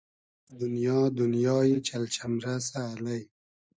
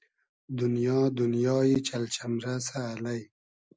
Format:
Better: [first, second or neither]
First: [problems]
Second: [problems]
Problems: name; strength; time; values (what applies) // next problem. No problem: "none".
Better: second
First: noise reduction (neural mask model DeepFilterNet 3)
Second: none